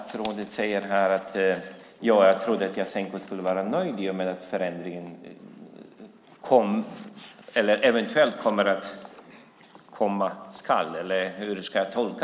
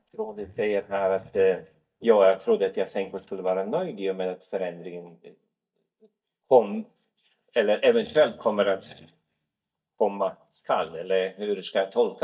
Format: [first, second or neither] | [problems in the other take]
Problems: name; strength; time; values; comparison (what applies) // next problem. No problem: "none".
first | noise reduction (neural mask model DeepFilterNet 3)